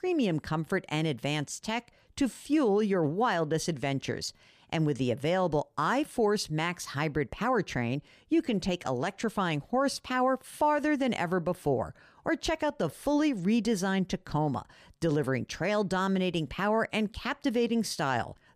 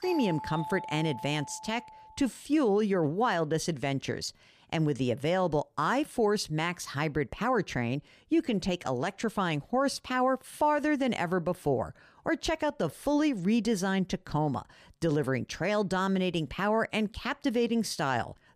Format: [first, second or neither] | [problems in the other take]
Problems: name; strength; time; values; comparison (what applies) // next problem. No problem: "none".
first | doorbell; noticeable; until 2 s; peak 9 dB below the speech